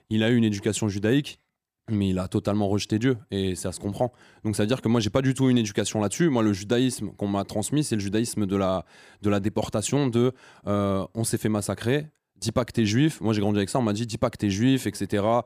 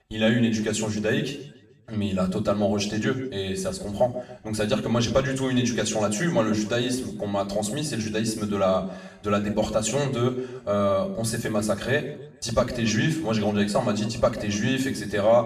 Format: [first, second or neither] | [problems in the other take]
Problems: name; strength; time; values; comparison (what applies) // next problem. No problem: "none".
first | room echo; slight; dies away in 0.6 s // off-mic speech; far